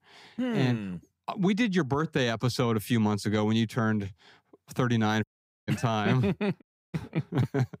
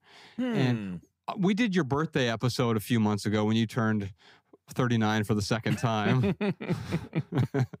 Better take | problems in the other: second | audio cutting out; at 5 s and at 6.5 s

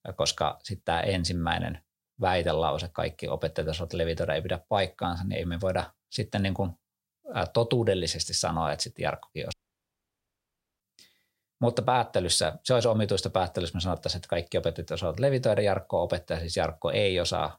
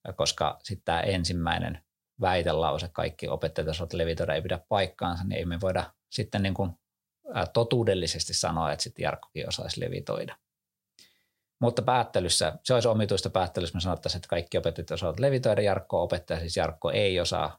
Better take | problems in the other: second | audio cutting out; at 9.5 s for 1.5 s

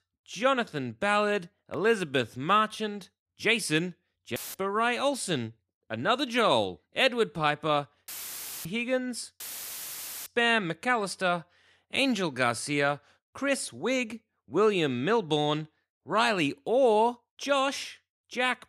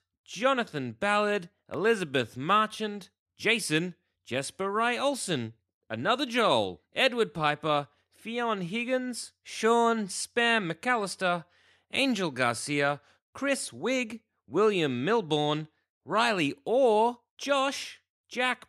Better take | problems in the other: second | audio cutting out; filled with static; at 4.5 s, at 8 s for 0.5 s and at 9.5 s for 1 s

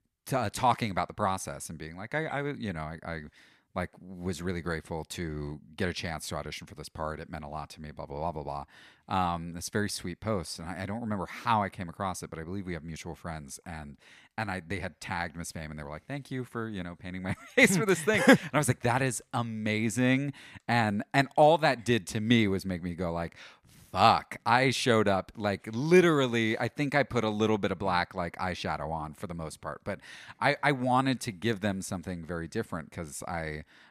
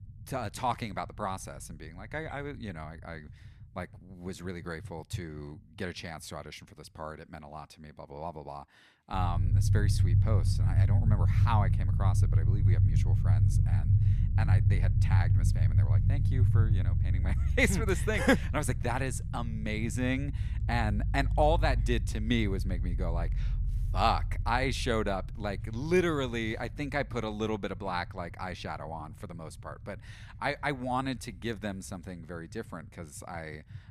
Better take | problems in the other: first | low rumble; loud; throughout; 10 dB below the speech

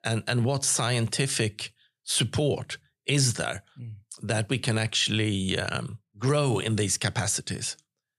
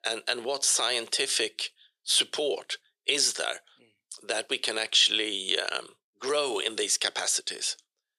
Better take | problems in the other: first | thin; very; fading below 400 Hz

